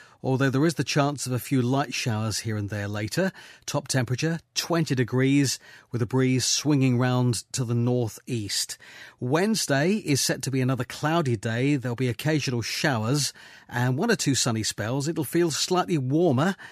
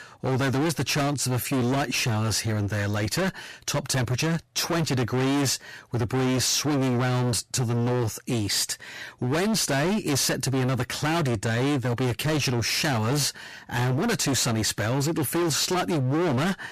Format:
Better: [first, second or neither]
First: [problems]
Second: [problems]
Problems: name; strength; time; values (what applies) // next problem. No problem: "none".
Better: first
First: none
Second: distortion; heavy; 35% of the sound clipped